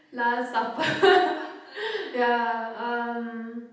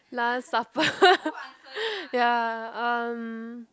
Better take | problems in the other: second | room echo; dies away in 0.8 s

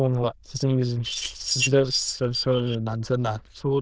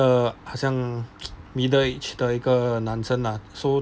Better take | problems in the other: second | noise reduction (neural diffusion model UNIVERSE++)

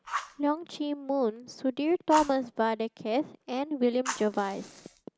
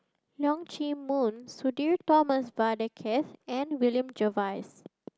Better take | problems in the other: second | background sound (Fire); 13 dB below the speech

